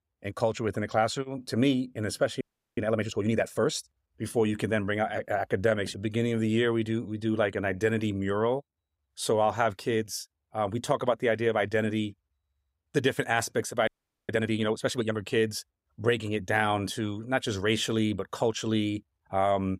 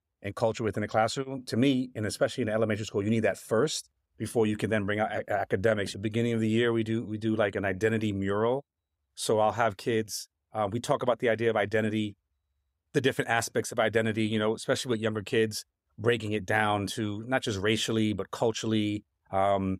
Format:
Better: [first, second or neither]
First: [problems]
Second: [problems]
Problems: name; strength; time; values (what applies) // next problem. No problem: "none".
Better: second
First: audio freezing; at 2.5 s and at 14 s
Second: none